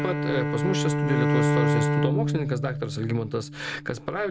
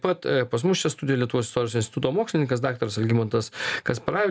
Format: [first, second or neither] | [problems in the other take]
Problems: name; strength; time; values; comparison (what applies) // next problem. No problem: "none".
second | background sound (Bowed string instrument); 4 dB above the speech